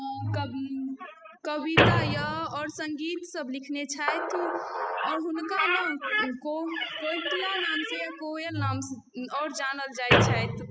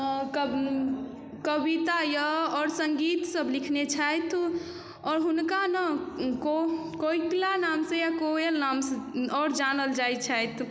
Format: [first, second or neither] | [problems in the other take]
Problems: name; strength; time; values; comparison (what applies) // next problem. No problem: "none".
second | noise reduction (classical method spectral subtraction)